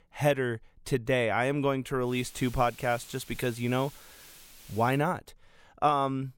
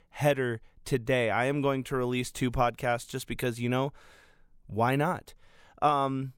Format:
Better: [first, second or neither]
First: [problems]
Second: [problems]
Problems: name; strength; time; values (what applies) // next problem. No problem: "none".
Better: second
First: hiss; faint; from 2 to 5 s; 20 dB below the speech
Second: none